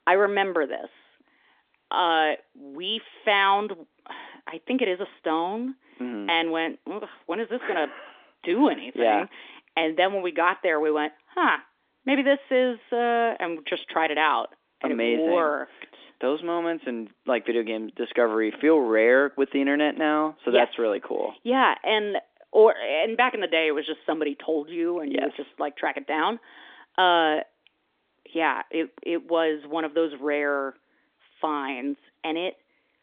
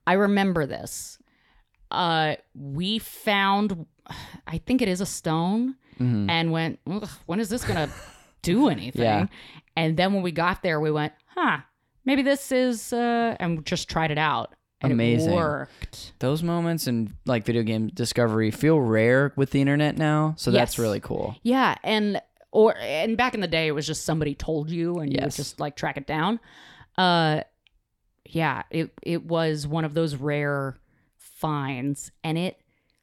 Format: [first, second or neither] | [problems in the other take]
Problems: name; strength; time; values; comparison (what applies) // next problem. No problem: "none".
second | phone-call audio; nothing above 3.5 kHz